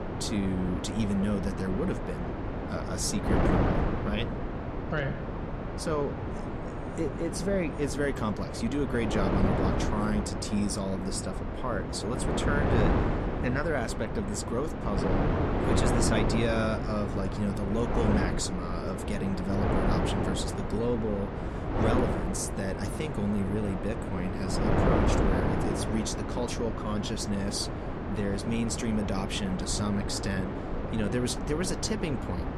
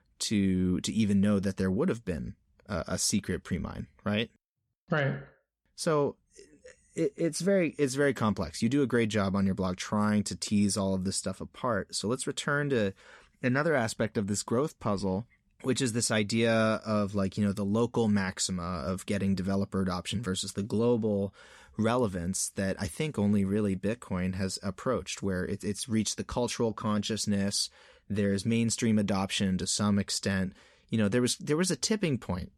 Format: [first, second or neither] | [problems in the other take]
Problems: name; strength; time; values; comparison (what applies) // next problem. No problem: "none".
second | wind noise on the microphone; heavy; as loud as the speech